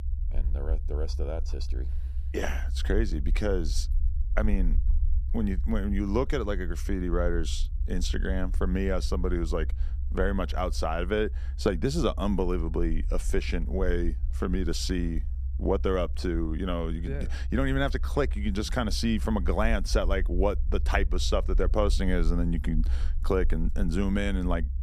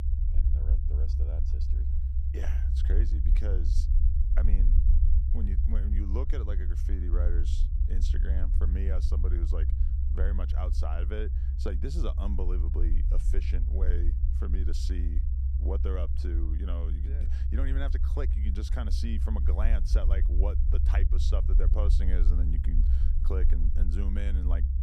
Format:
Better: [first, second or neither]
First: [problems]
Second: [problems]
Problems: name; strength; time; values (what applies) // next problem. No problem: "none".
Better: first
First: low rumble; faint; throughout; 20 dB below the speech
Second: low rumble; loud; throughout; 5 dB below the speech